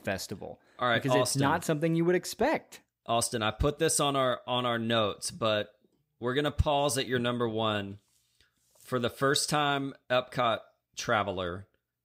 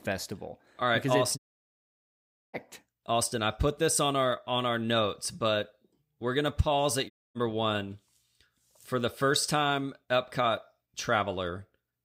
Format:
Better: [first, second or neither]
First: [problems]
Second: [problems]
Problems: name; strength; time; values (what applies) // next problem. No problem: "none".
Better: first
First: none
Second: audio cutting out; at 1.5 s for 1 s and at 7 s